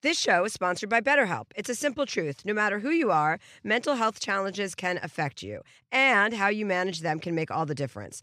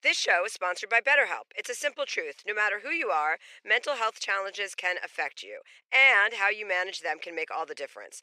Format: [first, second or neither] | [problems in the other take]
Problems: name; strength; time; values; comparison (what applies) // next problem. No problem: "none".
first | thin; very; fading below 450 Hz